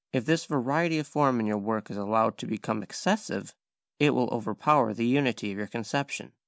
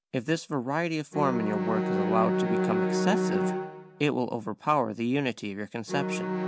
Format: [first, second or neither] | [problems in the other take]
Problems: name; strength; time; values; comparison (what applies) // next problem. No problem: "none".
first | background sound (Bowed string instrument); 1 dB below the speech